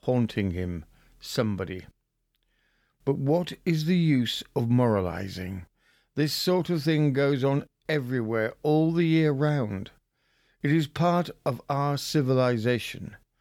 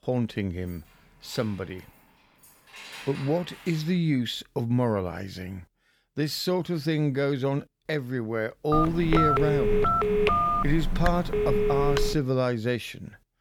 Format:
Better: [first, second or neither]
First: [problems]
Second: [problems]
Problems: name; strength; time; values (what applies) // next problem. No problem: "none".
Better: first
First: none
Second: jangling keys; faint; from 0.5 to 4 s; peak 10 dB below the speech // phone ringing; loud; from 8.5 to 12 s; peak 5 dB above the speech